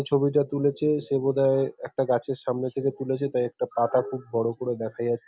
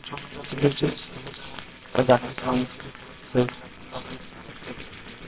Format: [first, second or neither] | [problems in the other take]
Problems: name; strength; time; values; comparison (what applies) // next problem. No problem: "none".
first | noise reduction (neural separator model SepFormer WHAMR!)